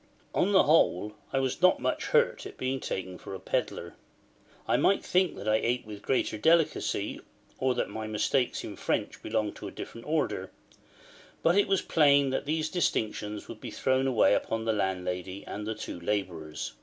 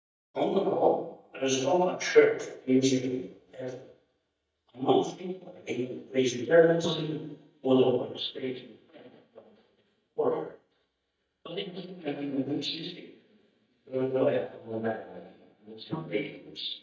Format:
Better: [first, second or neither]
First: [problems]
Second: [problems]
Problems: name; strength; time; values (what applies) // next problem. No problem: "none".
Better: first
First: none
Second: noise reduction (neural mask model DeepFilterNet 3)